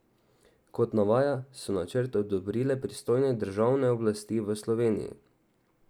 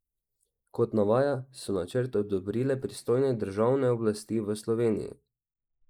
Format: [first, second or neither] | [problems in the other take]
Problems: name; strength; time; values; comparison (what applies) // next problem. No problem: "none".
first | noise reduction (neural mask model Resemble Enhance denoiser)